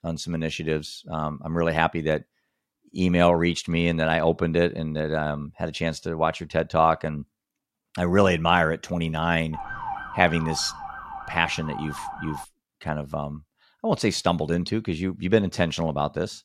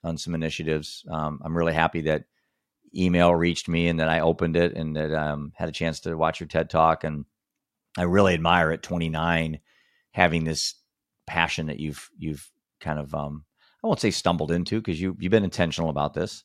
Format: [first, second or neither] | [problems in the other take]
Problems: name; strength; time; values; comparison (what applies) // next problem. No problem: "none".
second | siren; noticeable; from 9.5 to 12 s; peak 8 dB below the speech